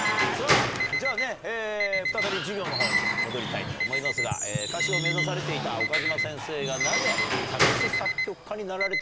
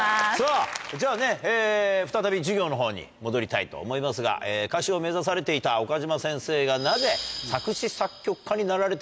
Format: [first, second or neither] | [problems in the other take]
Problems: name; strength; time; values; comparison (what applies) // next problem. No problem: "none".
second | background sound (Squeak / Wood + Alarm); 5 dB above the speech